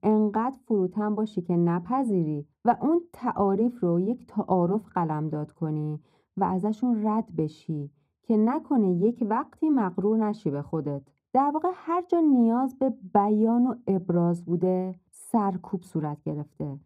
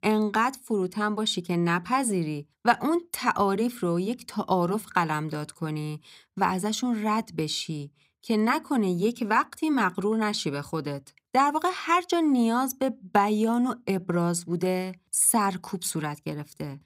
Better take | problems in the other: second | muffled; very; fading above 1.5 kHz

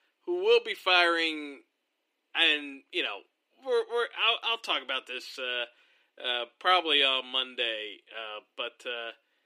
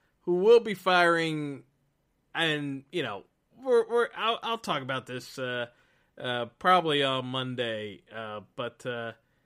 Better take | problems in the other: second | thin; somewhat; fading below 300 Hz

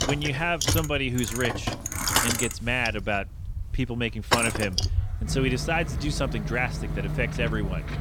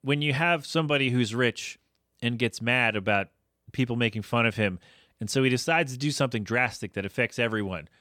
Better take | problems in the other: second | traffic noise; loud; throughout; 1 dB below the speech

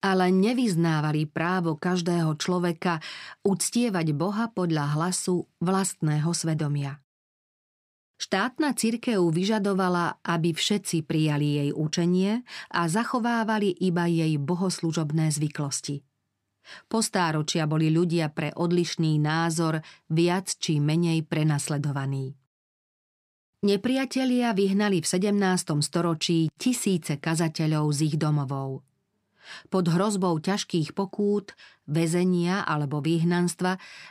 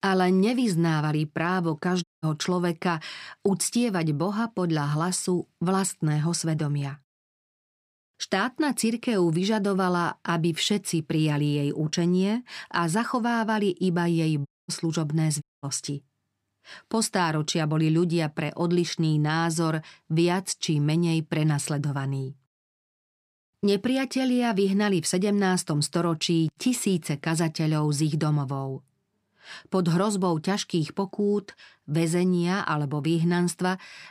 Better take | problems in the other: first | audio cutting out; at 2 s, at 14 s and at 15 s

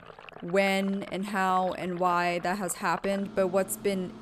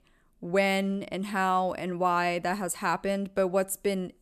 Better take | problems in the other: second | household noises; noticeable; throughout; 20 dB below the speech

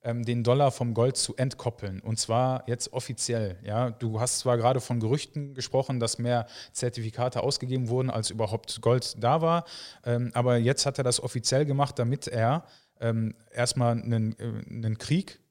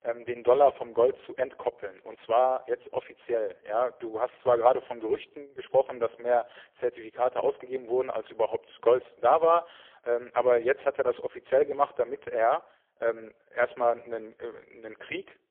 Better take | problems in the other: first | phone-call audio; poor line; nothing above 3.5 kHz

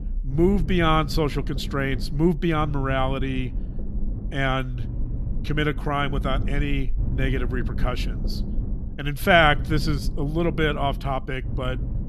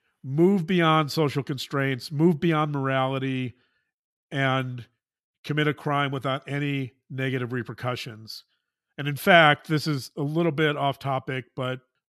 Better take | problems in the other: second | low rumble; noticeable; throughout; 20 dB below the speech

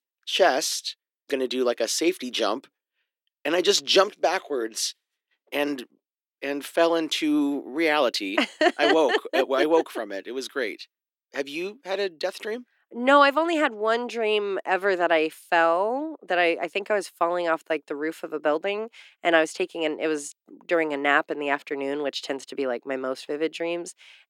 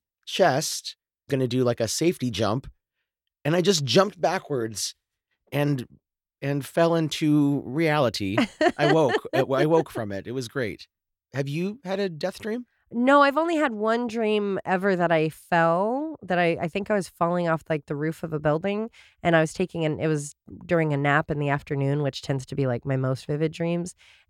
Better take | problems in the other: second | thin; somewhat; fading below 300 Hz

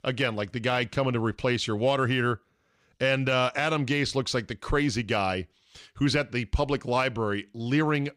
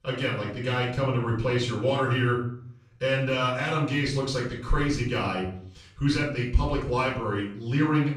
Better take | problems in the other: first | off-mic speech; far // room echo; noticeable; dies away in 0.5 s

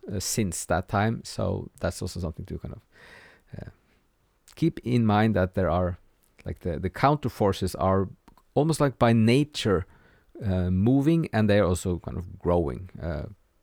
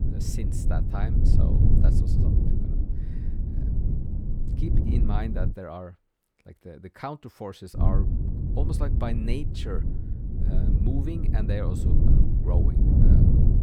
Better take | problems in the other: first | low rumble; loud; until 5.5 s and from 8 s on; as loud as the speech

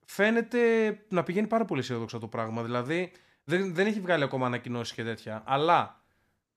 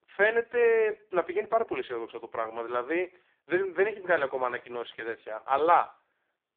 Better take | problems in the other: first | phone-call audio; poor line

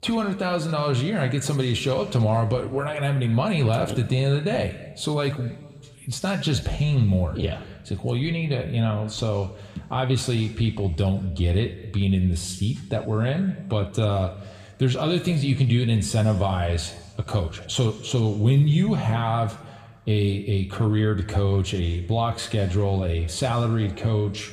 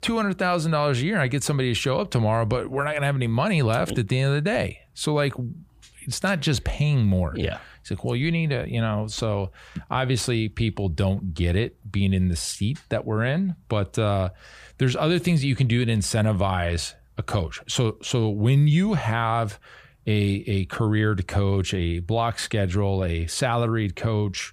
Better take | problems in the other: second | room echo; slight; dies away in 1.1 s

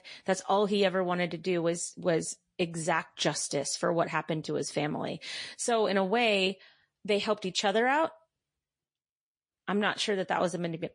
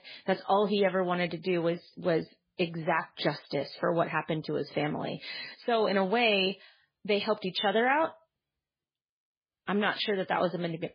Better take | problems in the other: first | garbled, watery; badly; nothing above 4 kHz; slightly in the first

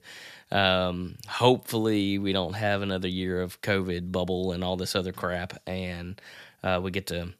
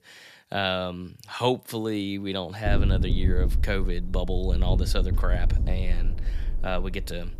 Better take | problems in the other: first | low rumble; noticeable; from 2.5 s on; 10 dB below the speech

